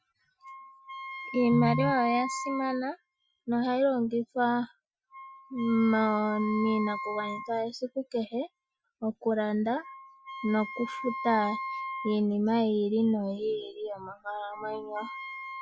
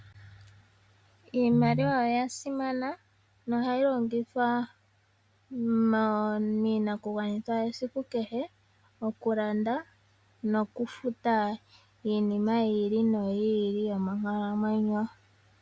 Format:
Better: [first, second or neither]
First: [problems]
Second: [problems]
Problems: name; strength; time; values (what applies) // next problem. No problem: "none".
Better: second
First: noise reduction (classical method Wiener filter)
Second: none